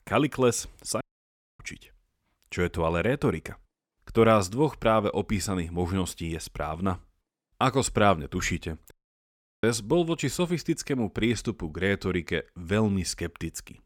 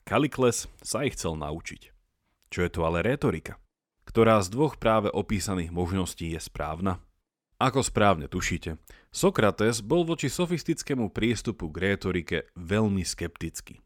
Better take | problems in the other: second | audio cutting out; at 1 s for 0.5 s and at 9 s for 0.5 s

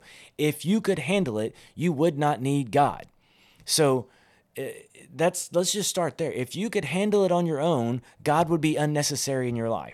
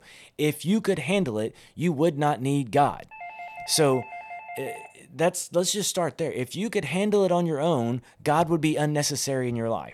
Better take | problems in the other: first | doorbell; faint; from 3 to 5 s; peak 15 dB below the speech

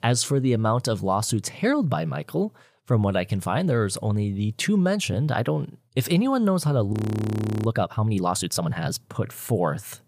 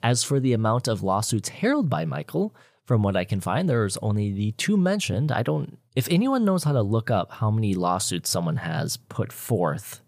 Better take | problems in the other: second | audio freezing; at 7 s for 0.5 s

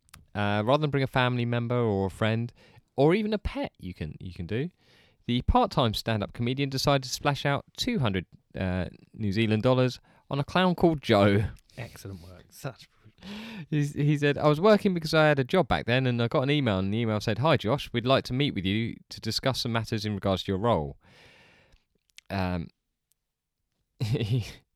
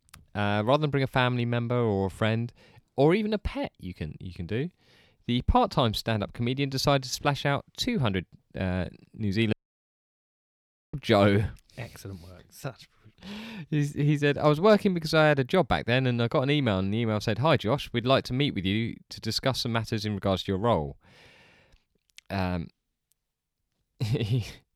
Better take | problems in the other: first | audio cutting out; at 9.5 s for 1.5 s

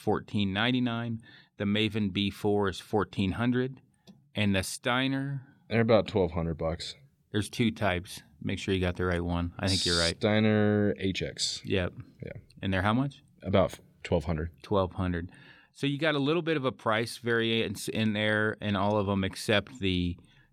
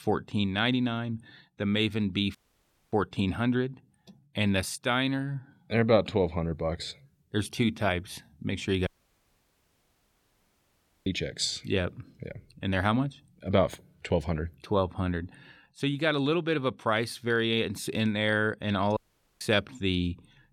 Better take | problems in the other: first | audio cutting out; at 2.5 s for 0.5 s, at 9 s for 2 s and at 19 s

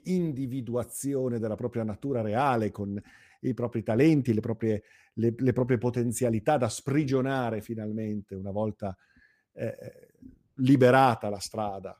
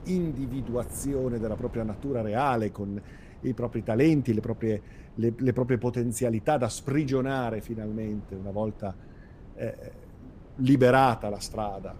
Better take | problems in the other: first | wind noise on the microphone; occasional gusts; 25 dB below the speech

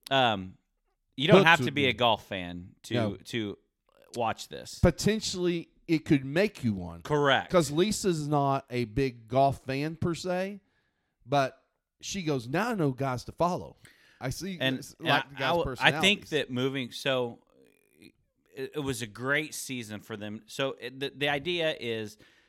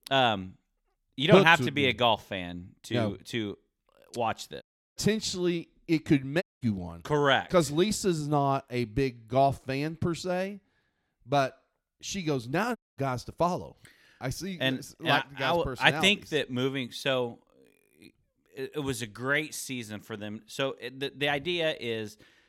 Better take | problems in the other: first | audio cutting out; at 4.5 s, at 6.5 s and at 13 s

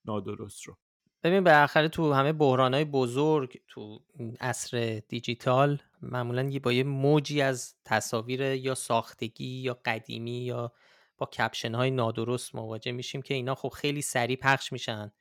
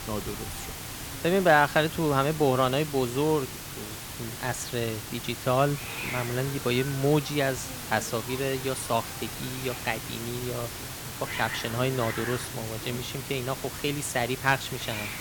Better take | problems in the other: first | hiss; loud; throughout; 7 dB below the speech

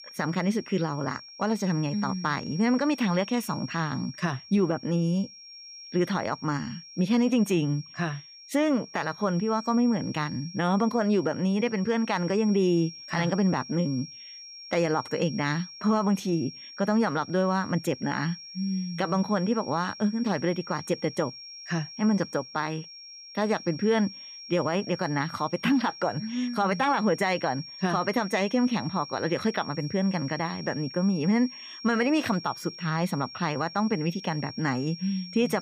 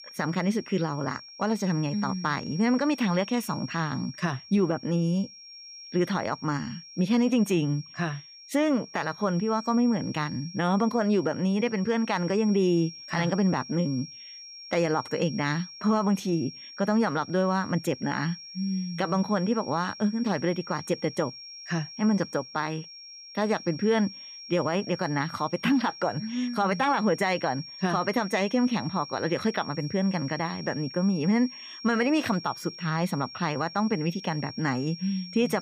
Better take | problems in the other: neither | high-pitched whine; noticeable; throughout; 5.5 kHz, 15 dB below the speech; the same in both

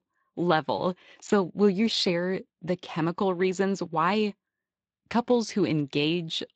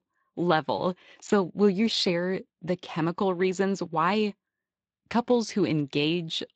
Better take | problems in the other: neither | garbled, watery; slightly; nothing above 7.5 kHz; the same in both

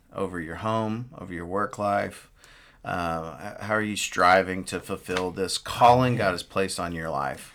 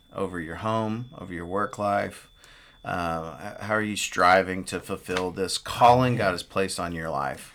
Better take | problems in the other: first | high-pitched whine; faint; until 4.5 s; 3.5 kHz, 35 dB below the speech

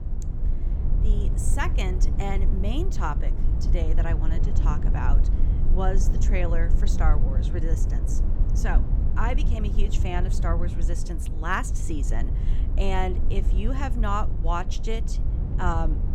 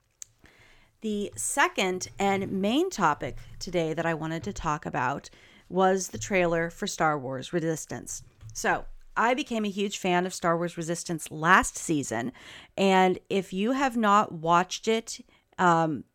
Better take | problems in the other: second | low rumble; loud; throughout; 10 dB below the speech

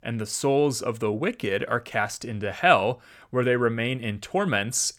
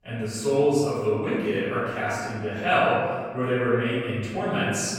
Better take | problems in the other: first | off-mic speech; far // room echo; strong; dies away in 1.7 s

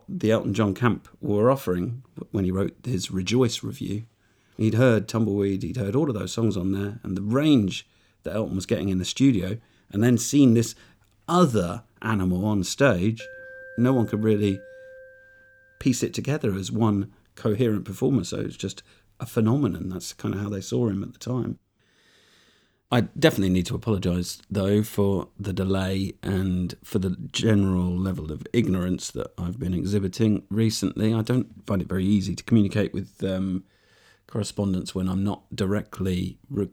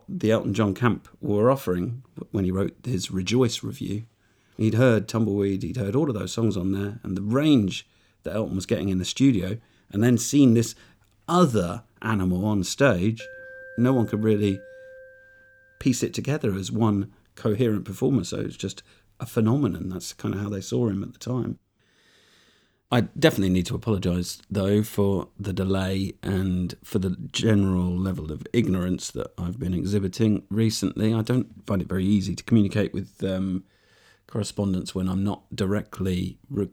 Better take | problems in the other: neither | alarm; faint; from 13 to 16 s; peak 15 dB below the speech; the same in both

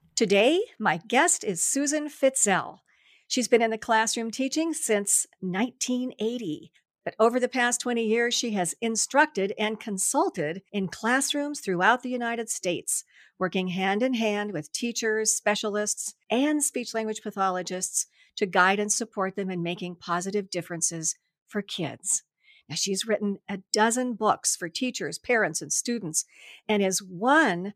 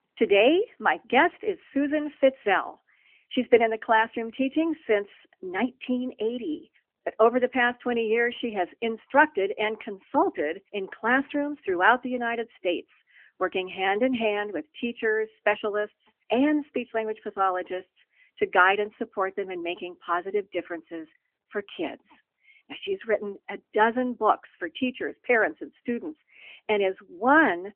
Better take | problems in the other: first | phone-call audio; nothing above 3 kHz

